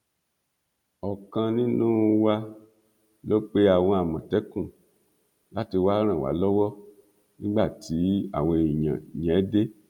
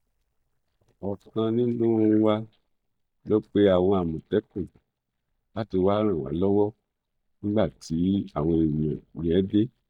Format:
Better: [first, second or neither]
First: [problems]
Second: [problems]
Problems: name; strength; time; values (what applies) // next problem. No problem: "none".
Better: first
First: none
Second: noise reduction (neural mask model DeepFilterNet 3)